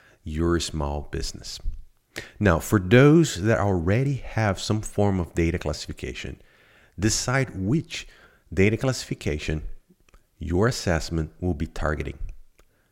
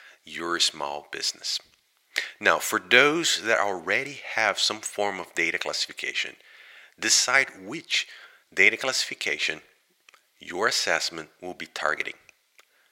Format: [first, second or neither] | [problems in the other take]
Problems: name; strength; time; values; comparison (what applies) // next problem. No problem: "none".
first | thin; very; fading below 650 Hz